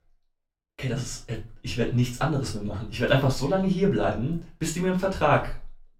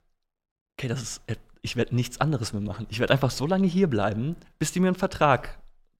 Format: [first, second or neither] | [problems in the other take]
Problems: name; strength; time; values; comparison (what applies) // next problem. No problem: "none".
second | off-mic speech; far // room echo; slight; dies away in 0.2 s